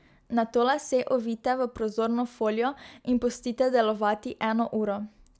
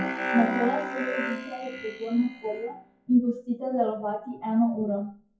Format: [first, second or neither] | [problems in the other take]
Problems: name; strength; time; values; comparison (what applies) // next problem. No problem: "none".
first | noise reduction (classical method WPE with log-MMSE)